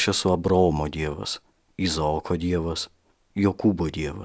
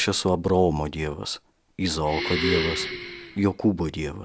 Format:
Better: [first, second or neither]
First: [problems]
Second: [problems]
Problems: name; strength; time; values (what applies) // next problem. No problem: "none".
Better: first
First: none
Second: background sound (Breathing); 5 dB below the speech